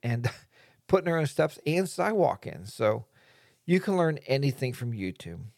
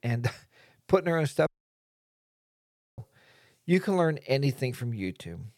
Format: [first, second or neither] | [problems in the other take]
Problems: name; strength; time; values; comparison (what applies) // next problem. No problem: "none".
first | audio cutting out; at 1.5 s for 1.5 s